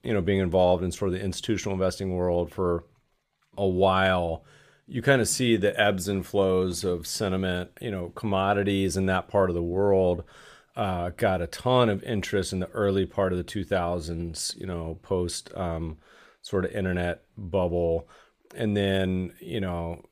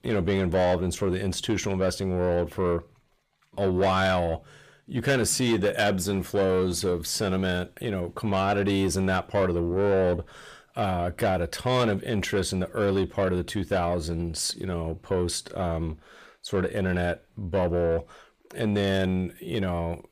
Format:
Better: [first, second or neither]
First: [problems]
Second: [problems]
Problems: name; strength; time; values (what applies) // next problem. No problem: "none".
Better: first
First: none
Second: distortion; slight; 10 dB below the speech